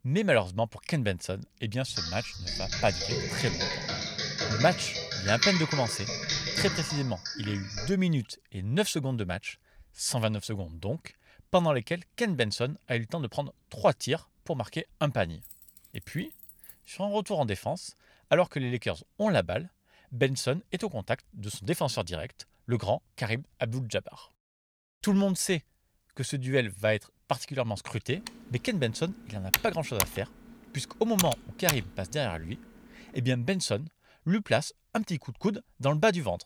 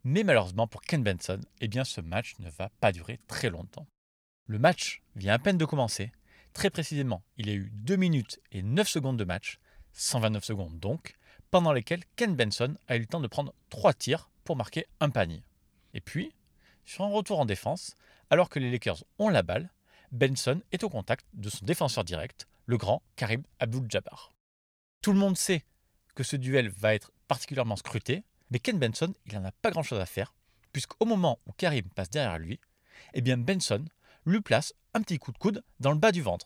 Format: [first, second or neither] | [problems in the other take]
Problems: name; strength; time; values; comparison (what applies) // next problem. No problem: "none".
second | keyboard typing; loud; from 2 to 8 s and from 28 to 32 s; peak 5 dB above the speech // jangling keys; faint; from 15 to 17 s; peak 15 dB below the speech